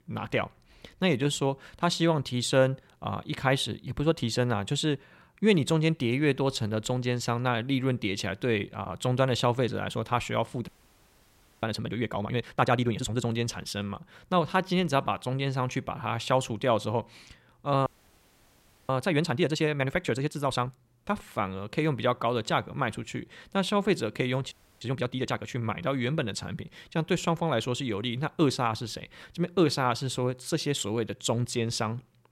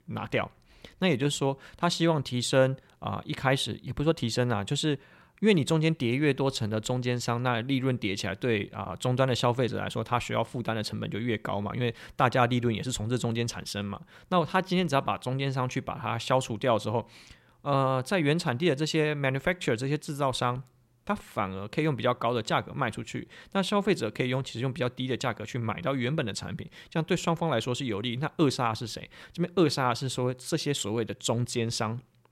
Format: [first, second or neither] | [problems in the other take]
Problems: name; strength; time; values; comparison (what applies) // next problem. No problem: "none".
second | audio freezing; at 11 s for 1 s, at 18 s for 1 s and at 25 s